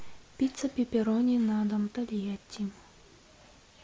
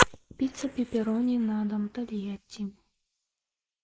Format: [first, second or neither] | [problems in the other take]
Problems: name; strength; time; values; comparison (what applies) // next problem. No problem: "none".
first | noise reduction (neural mask model Resemble Enhance denoiser)